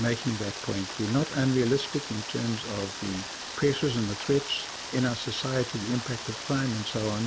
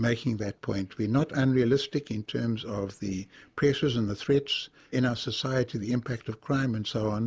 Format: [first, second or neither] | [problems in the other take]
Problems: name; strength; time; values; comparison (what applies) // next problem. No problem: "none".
second | background sound (Rain); 9 dB below the speech